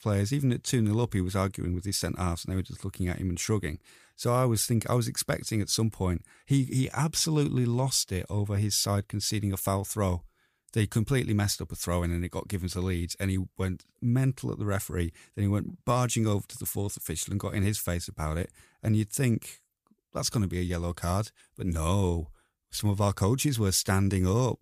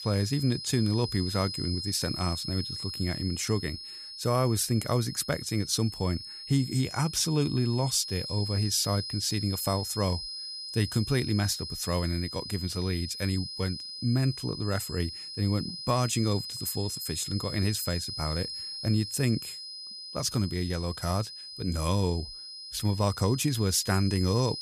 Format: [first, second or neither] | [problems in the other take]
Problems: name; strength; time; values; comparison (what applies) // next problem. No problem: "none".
first | high-pitched whine; loud; throughout; 5 kHz, 7 dB below the speech